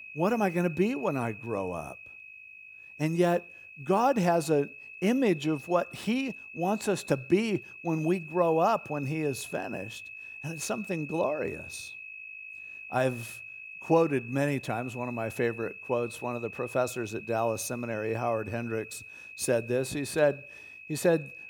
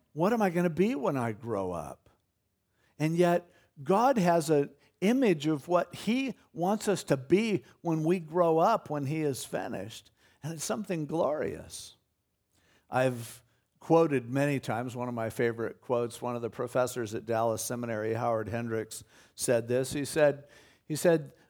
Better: second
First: high-pitched whine; noticeable; throughout; 2.5 kHz, 15 dB below the speech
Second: none

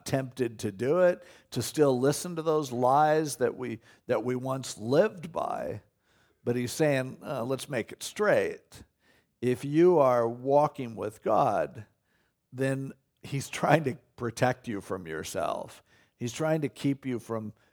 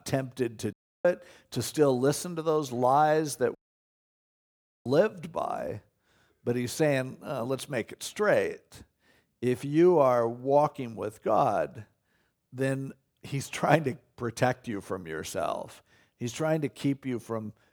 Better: first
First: none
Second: audio cutting out; at 0.5 s and at 3.5 s for 1.5 s

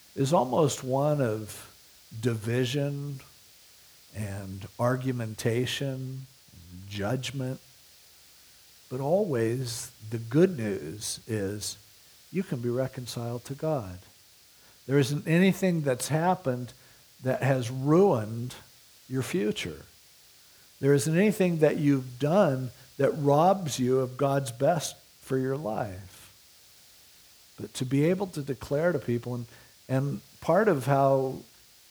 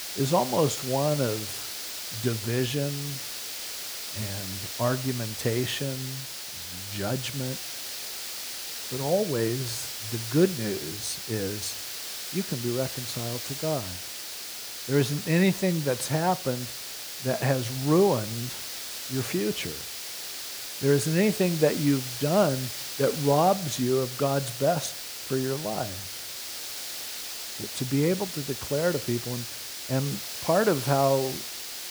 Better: first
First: hiss; faint; throughout; 25 dB below the speech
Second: hiss; loud; throughout; 6 dB below the speech

